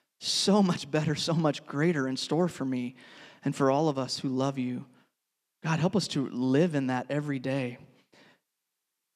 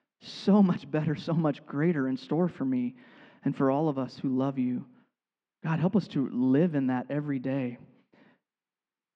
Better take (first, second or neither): first